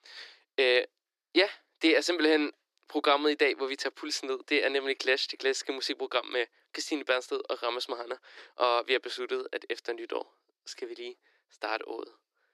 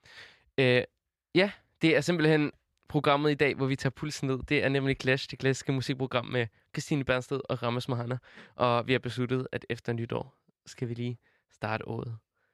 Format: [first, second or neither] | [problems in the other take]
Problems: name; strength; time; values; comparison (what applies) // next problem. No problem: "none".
second | thin; somewhat; fading below 300 Hz